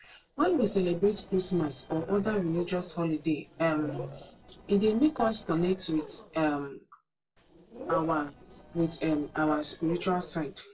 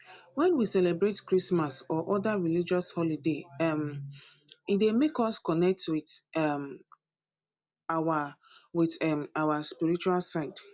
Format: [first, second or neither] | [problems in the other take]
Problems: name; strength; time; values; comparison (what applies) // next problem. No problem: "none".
second | noise reduction (neural separator model SepFormer DNS4)